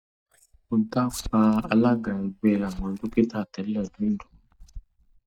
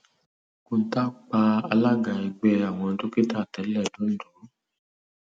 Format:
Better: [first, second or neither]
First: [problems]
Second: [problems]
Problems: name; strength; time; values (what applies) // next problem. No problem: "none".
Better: second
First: noise reduction (neural mask model DeepFilterNet 3)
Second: none